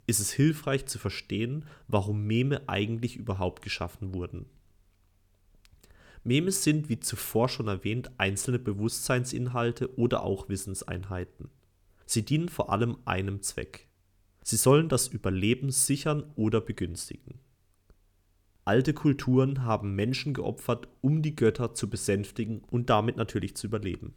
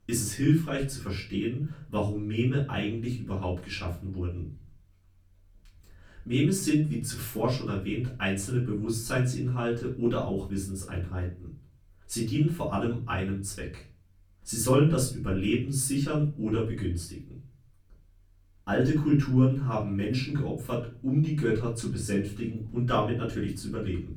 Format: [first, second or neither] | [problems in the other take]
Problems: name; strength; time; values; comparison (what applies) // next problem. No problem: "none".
first | off-mic speech; far // room echo; slight; dies away in 0.4 s